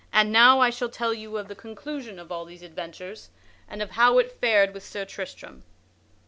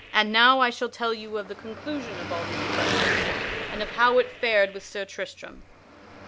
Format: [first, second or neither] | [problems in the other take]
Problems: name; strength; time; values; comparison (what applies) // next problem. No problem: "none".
first | background sound (Car passing by / Traffic noise, roadway noise / Engine); 6 dB below the speech